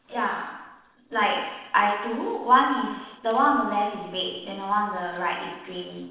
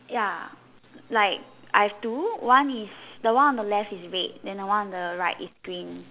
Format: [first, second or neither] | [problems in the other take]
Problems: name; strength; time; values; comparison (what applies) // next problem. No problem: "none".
second | noise reduction (neural separator model SepFormer DNS4)